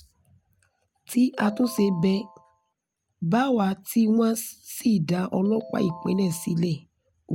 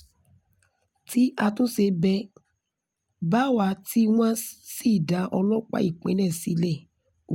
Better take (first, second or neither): second